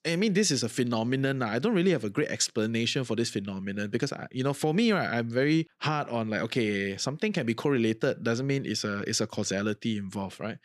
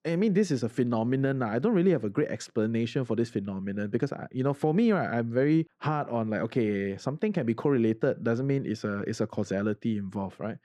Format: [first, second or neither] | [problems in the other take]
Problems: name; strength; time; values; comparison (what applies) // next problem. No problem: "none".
first | muffled; slightly; fading above 2 kHz